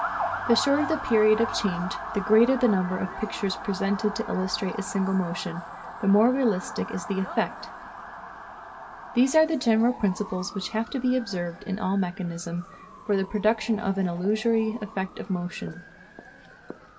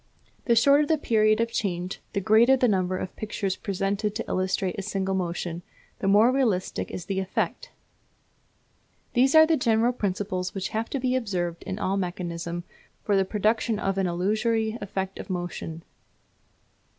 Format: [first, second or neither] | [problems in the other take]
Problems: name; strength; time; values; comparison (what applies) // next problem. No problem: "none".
second | background sound (Motor vehicle (road) / Siren); 11 dB below the speech // room echo; dies away in 1.9 s